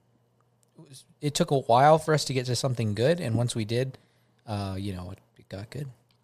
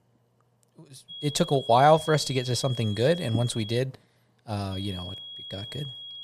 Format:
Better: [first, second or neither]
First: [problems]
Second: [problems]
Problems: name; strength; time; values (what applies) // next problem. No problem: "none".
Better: first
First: none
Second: high-pitched whine; noticeable; from 1 to 4 s and from 4.5 s on; 3.5 kHz, 15 dB below the speech